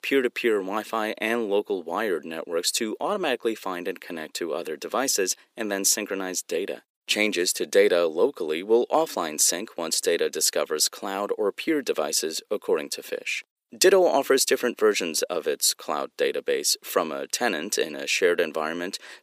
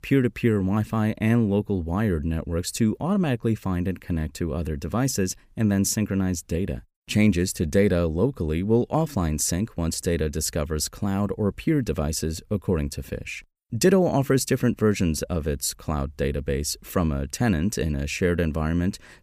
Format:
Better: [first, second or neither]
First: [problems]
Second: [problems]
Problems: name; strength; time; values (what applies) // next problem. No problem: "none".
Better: second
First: thin; very; fading below 350 Hz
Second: none